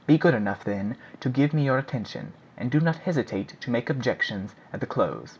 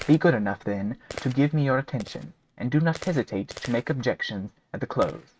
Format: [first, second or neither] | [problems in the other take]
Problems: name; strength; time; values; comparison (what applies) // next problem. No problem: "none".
first | noise reduction (neural mask model RNNoise)